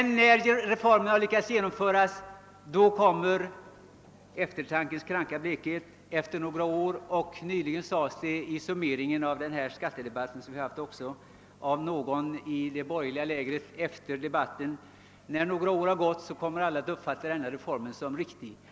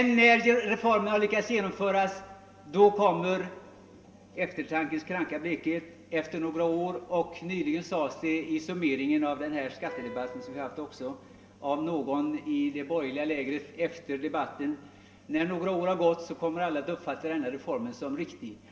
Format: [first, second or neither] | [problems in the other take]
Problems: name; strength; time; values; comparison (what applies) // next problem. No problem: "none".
first | background sound (Wind instrument, woodwind instrument); 15 dB below the speech // room echo; dies away in 1.9 s